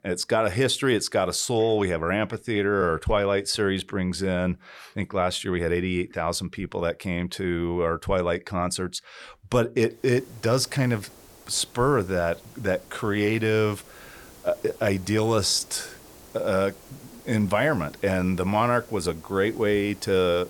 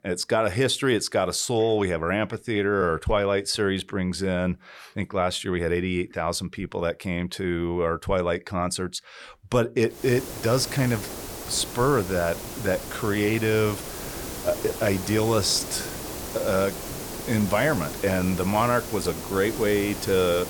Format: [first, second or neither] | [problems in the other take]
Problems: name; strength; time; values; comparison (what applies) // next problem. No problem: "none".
first | hiss; loud; from 10 s on; 9 dB below the speech; faint in the first